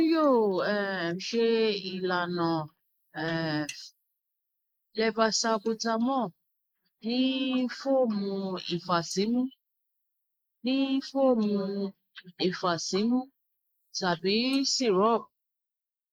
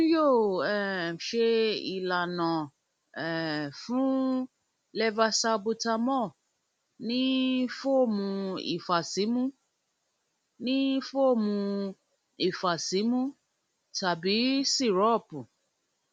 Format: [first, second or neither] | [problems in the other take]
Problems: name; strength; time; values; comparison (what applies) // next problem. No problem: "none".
second | noise reduction (neural mask model Resemble Enhance denoiser)